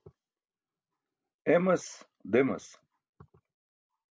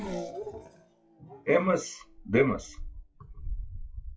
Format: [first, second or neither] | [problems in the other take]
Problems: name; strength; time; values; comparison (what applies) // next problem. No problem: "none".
first | noise reduction (classical method WPE with log-MMSE)